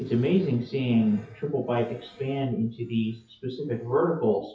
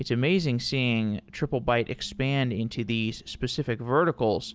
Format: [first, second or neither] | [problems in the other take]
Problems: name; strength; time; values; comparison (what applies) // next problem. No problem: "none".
second | noise reduction (classical method WPE with log-MMSE)